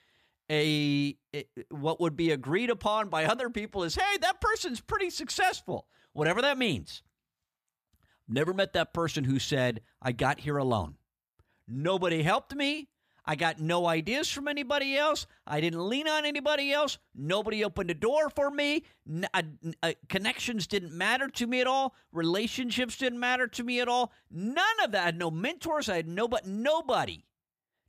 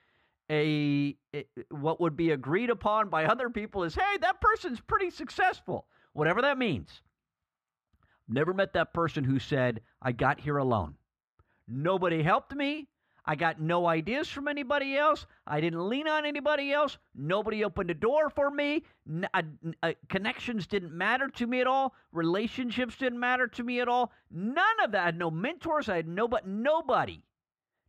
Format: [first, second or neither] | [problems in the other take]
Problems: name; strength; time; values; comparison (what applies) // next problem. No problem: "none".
first | muffled; slightly; fading above 4 kHz